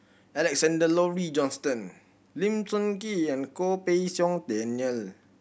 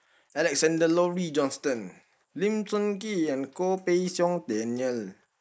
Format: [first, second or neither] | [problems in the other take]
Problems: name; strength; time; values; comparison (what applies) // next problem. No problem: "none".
first | noise reduction (neural mask model Resemble Enhance denoiser)